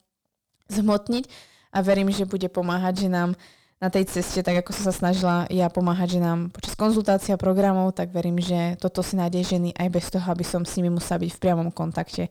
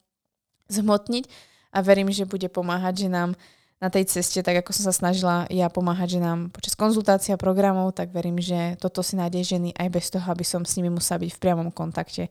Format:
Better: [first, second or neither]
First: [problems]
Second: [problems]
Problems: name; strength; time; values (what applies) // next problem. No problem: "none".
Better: second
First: distortion; slight; 8 dB below the speech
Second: none